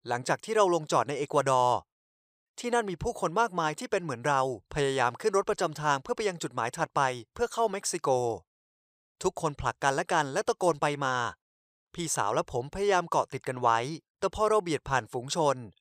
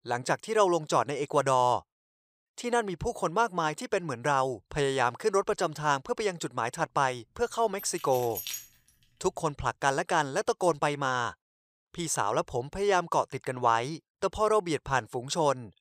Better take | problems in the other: first | jangling keys; noticeable; at 8 s; peak 6 dB below the speech

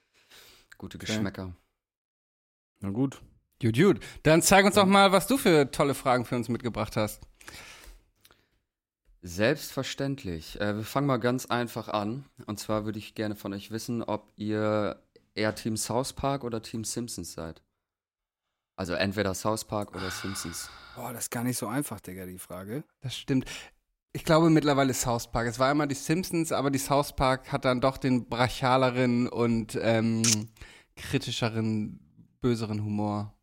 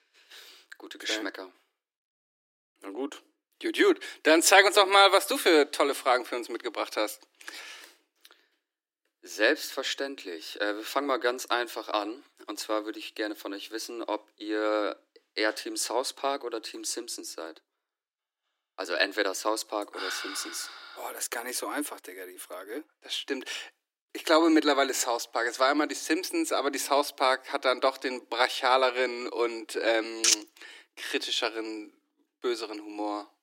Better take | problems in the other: first | thin; somewhat; fading below 300 Hz

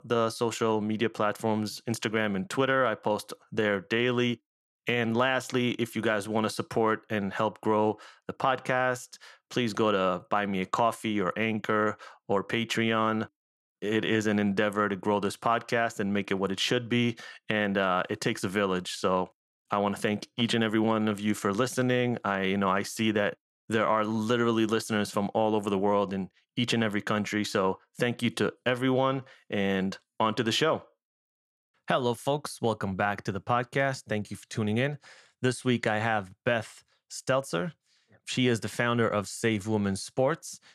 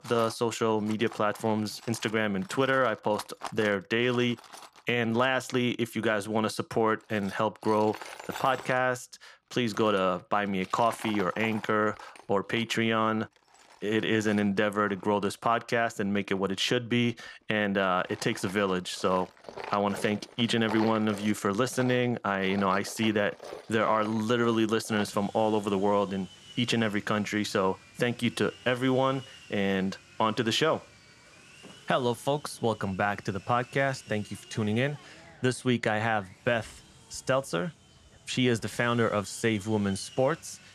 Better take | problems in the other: first | machinery noise; noticeable; throughout; 20 dB below the speech

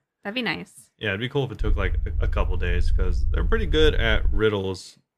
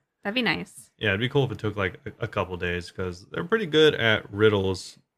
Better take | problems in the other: second | low rumble; very faint; from 1.5 to 4.5 s; 20 dB below the speech

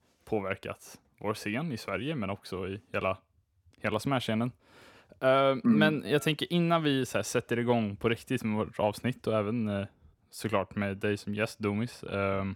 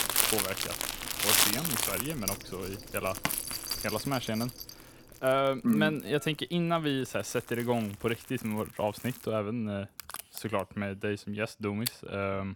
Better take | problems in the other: first | household noises; very loud; throughout; 2 dB above the speech

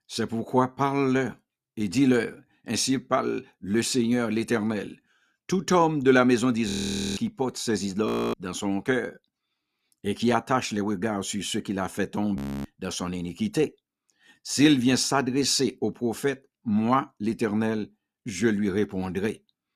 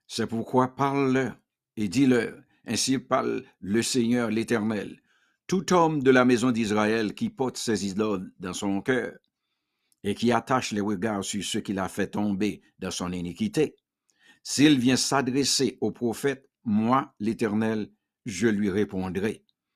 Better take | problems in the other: second | audio freezing; at 6.5 s, at 8 s and at 12 s

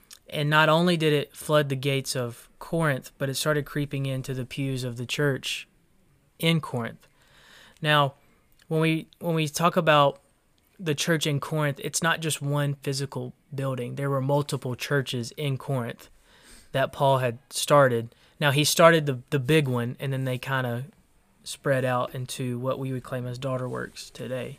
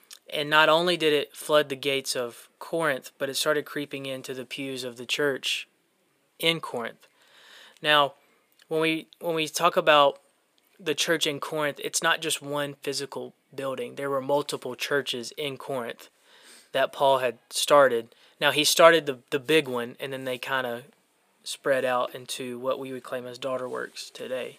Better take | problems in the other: first | thin; somewhat; fading below 400 Hz

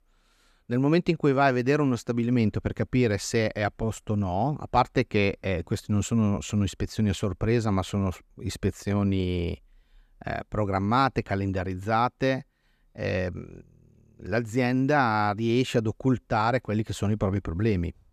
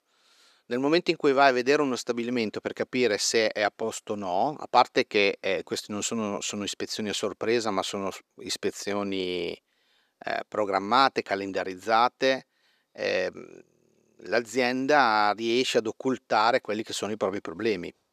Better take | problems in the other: first | thin; somewhat; fading below 400 Hz

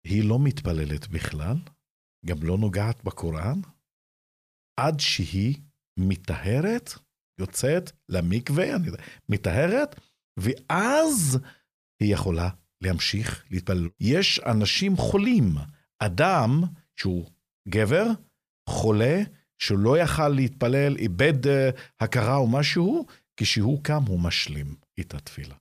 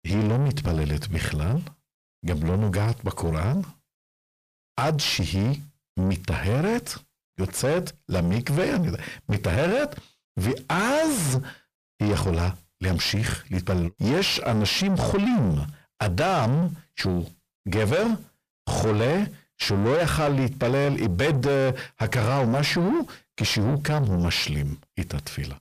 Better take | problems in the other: first | distortion; heavy; 7 dB below the speech

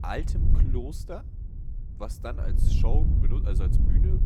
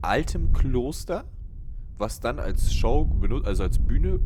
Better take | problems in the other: second | wind noise on the microphone; heavy; 2 dB below the speech; occasional gusts in the second

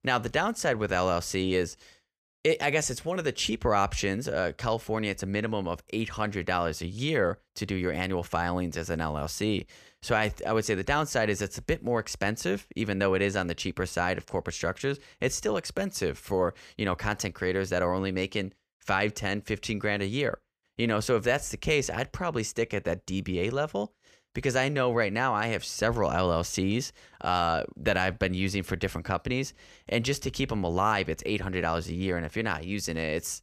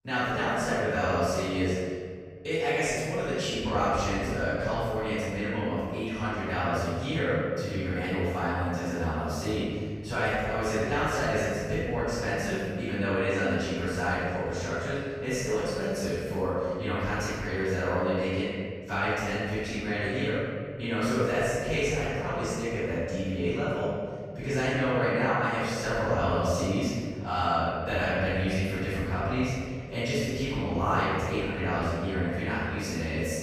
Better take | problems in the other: first | off-mic speech; far // room echo; strong; dies away in 2.1 s

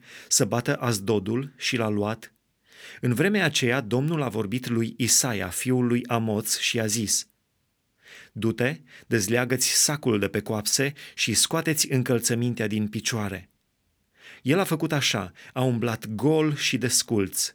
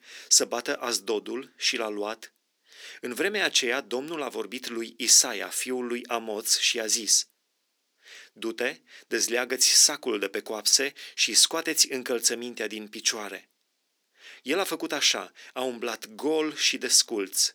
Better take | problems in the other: first | thin; somewhat; fading below 300 Hz

